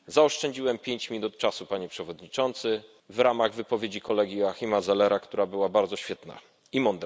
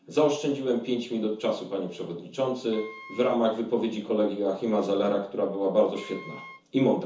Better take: first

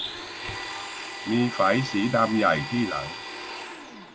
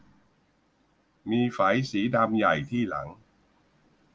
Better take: second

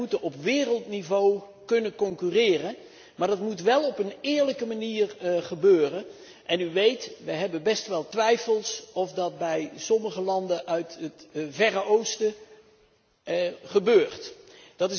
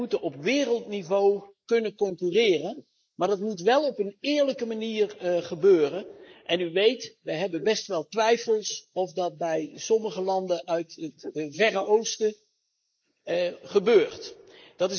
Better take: first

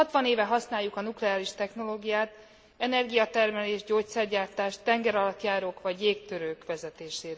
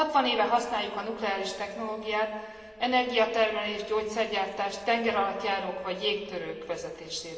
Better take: first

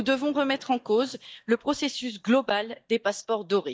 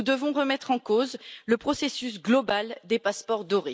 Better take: second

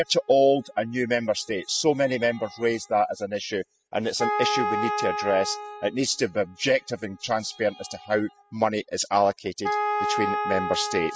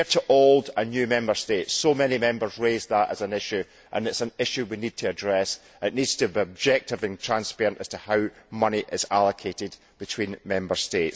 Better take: second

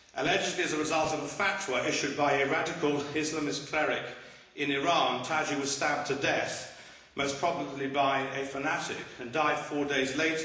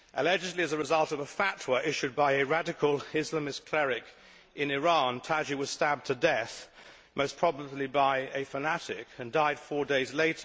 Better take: second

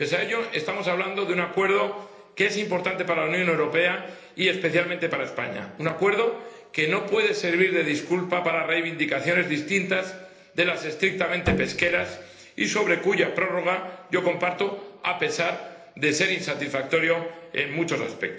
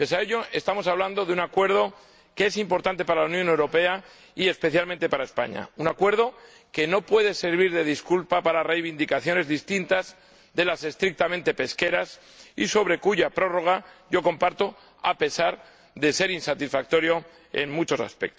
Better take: second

